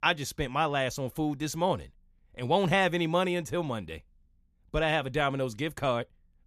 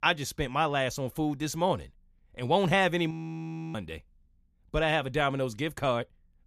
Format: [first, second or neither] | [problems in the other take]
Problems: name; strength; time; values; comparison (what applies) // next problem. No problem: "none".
first | audio freezing; at 3 s for 0.5 s